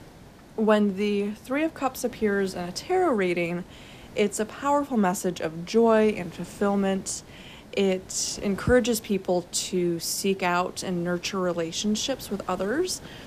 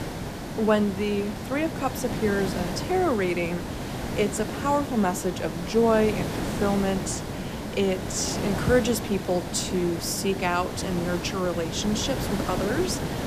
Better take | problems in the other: first | hiss; loud; throughout; 5 dB below the speech; faint in the first

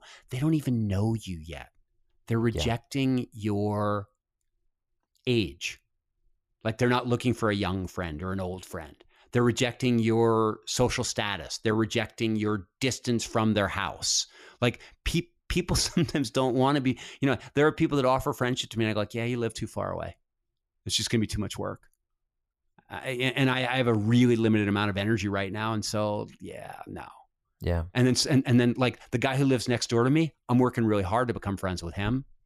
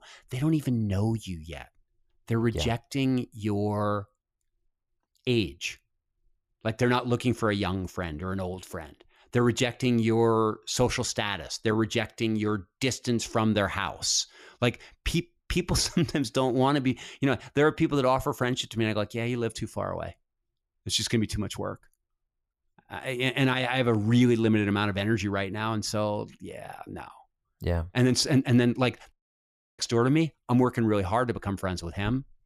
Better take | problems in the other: first | audio cutting out; at 29 s for 0.5 s

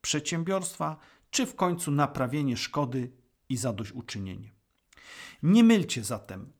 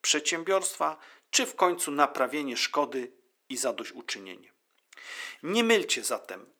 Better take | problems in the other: first | thin; somewhat; fading below 350 Hz

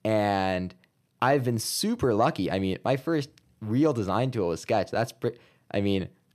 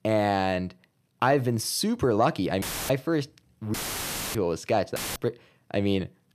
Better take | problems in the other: first | audio cutting out; filled with static; at 2.5 s, at 3.5 s for 0.5 s and at 5 s

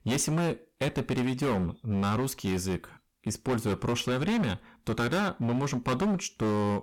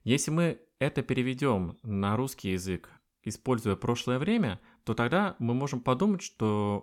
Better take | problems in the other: second | distortion; heavy; 19% of the sound clipped

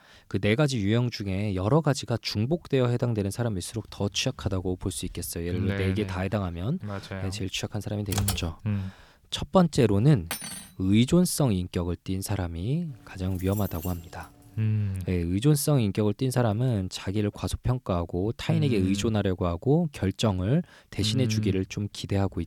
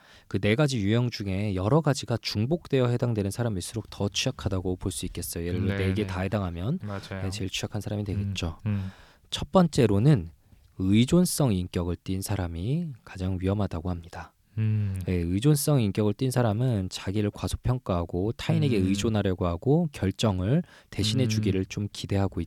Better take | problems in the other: second | keyboard typing; noticeable; at 8 s; peak 3 dB below the speech // clattering dishes; noticeable; at 10 s; peak 7 dB below the speech // jangling keys; faint; from 13 to 15 s; peak 10 dB below the speech

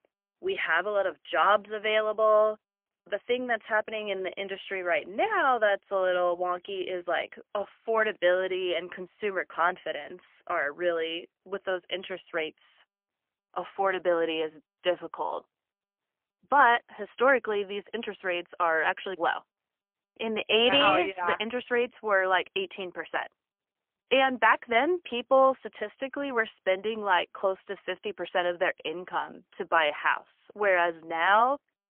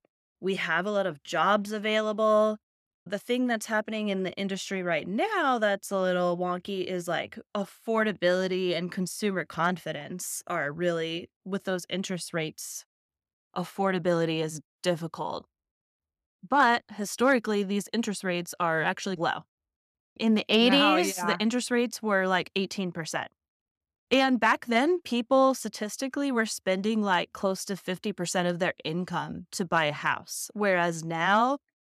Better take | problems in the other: second | phone-call audio; poor line; nothing above 3 kHz

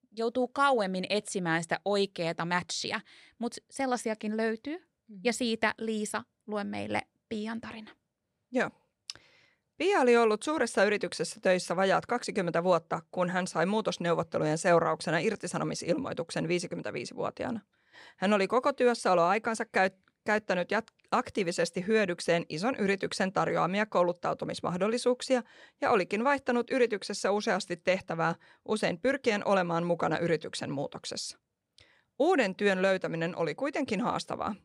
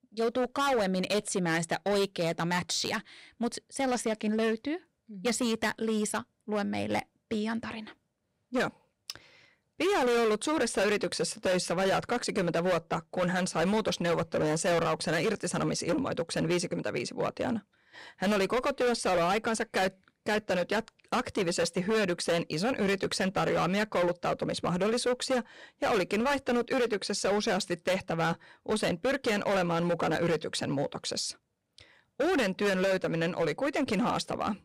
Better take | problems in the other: first | distortion; heavy; 15% of the sound clipped

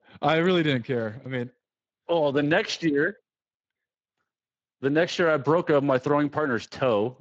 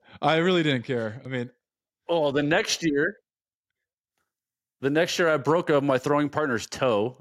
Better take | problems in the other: second | garbled, watery; slightly

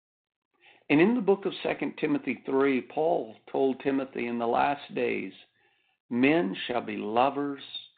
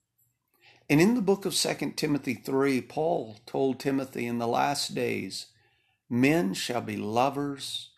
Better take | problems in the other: second | phone-call audio; nothing above 4 kHz

